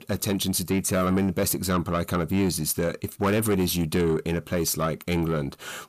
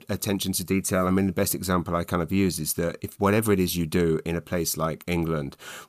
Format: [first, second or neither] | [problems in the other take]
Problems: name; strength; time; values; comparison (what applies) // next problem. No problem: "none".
second | distortion; slight; 10 dB below the speech